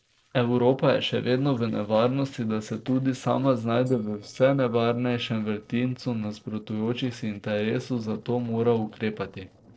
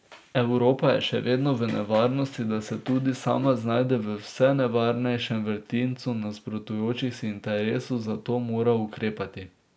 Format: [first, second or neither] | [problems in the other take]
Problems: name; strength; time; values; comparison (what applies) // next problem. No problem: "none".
second | noise reduction (neural separator model SepFormer DNS4)